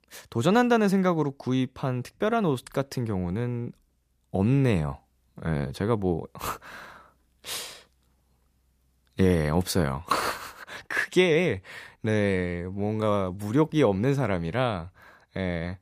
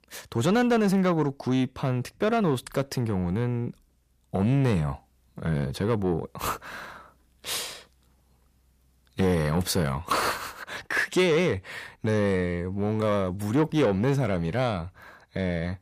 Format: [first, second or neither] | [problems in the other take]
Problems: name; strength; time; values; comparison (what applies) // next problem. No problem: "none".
first | distortion; slight; 10 dB below the speech